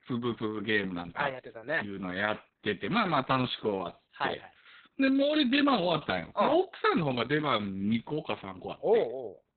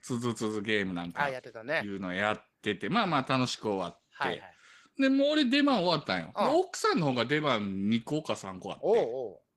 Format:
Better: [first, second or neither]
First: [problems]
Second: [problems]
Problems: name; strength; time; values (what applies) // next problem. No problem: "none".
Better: second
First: garbled, watery; badly; nothing above 4 kHz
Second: garbled, watery; slightly